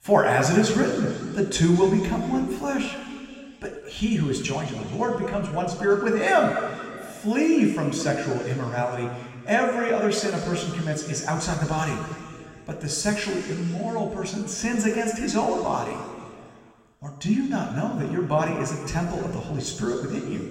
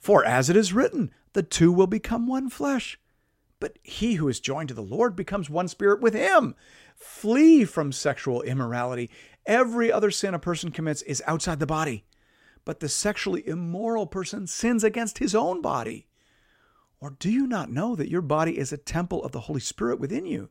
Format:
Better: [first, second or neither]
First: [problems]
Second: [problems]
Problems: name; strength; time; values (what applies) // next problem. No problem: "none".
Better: second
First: room echo; noticeable; dies away in 2.2 s // off-mic speech; somewhat distant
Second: none